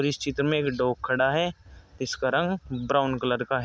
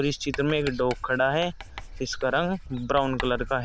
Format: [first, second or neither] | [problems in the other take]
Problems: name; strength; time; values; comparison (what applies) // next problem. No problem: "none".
first | background sound (Writing); 12 dB below the speech